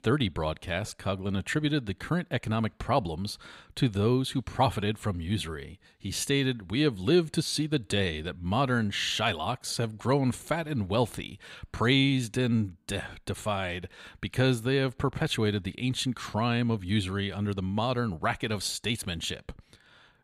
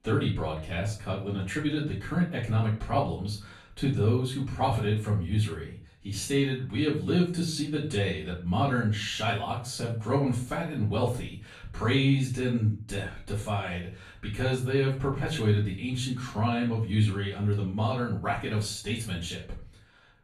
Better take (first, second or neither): first